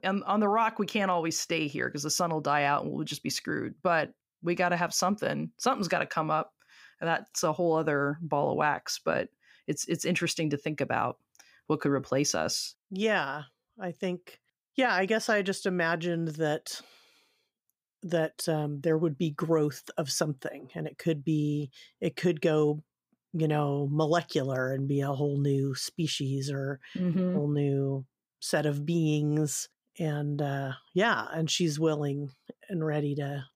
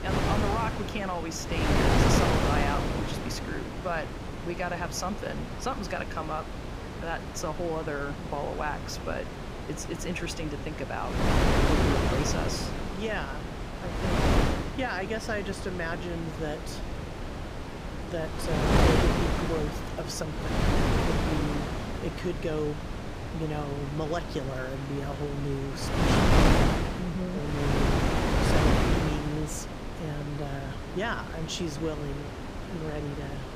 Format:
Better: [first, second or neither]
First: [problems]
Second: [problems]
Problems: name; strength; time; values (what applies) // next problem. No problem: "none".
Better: first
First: none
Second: wind noise on the microphone; heavy; 2 dB above the speech